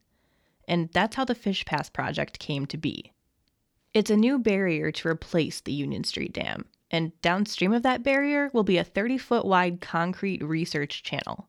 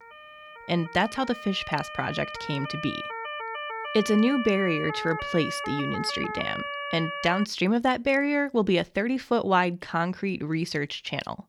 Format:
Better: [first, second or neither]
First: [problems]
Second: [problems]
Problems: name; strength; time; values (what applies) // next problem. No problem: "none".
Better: first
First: none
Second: siren; noticeable; until 7.5 s; peak 5 dB below the speech